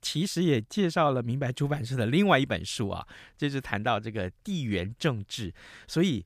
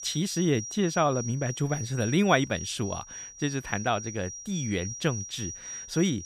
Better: first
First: none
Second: high-pitched whine; loud; throughout; 5.5 kHz, 9 dB below the speech

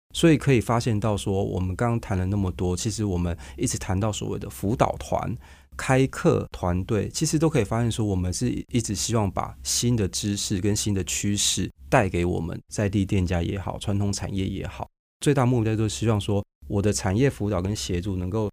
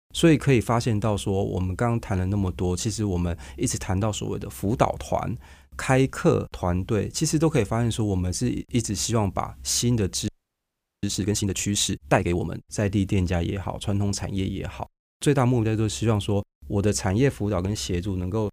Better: first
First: none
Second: audio freezing; at 10 s for 1 s

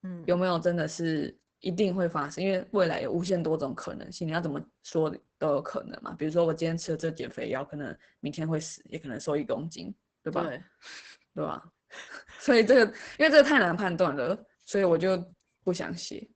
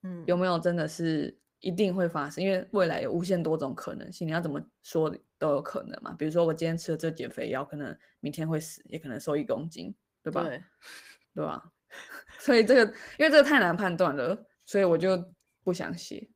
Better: second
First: garbled, watery; badly; nothing above 8 kHz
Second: garbled, watery; slightly; nothing above 15.5 kHz

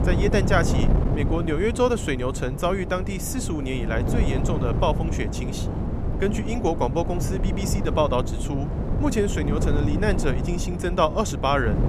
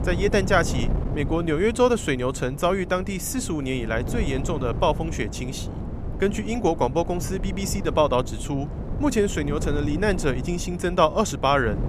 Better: second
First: wind noise on the microphone; heavy; 8 dB below the speech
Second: wind noise on the microphone; occasional gusts; 15 dB below the speech

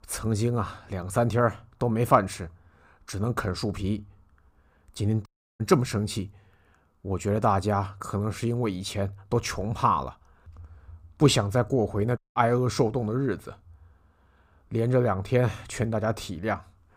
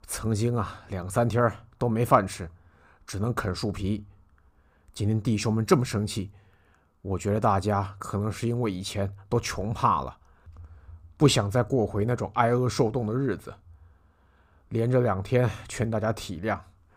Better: second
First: audio cutting out; at 5.5 s and at 12 s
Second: none

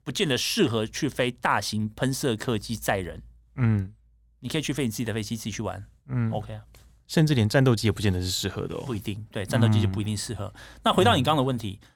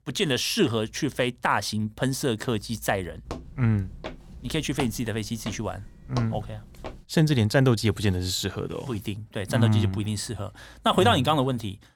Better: first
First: none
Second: footsteps; faint; from 3.5 to 7 s; peak 10 dB below the speech

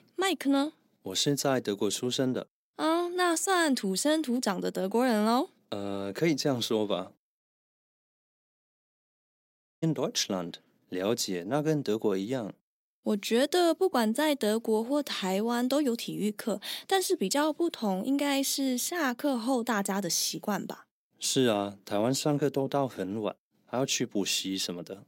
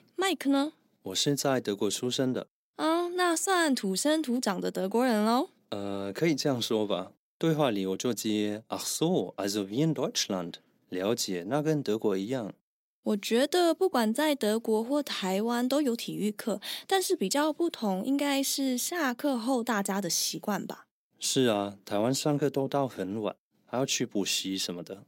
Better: second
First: audio cutting out; at 7.5 s for 2.5 s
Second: none

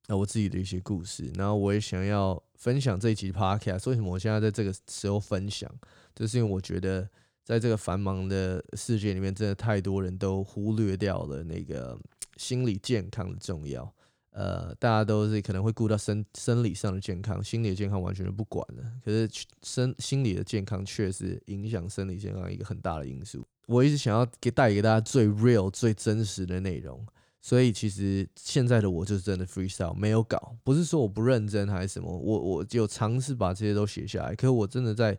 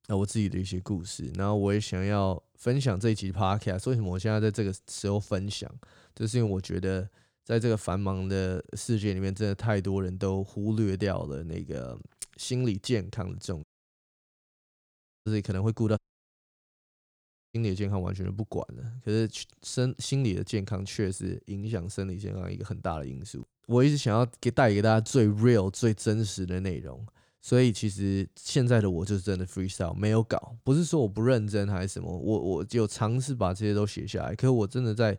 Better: first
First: none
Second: audio cutting out; at 14 s for 1.5 s and at 16 s for 1.5 s

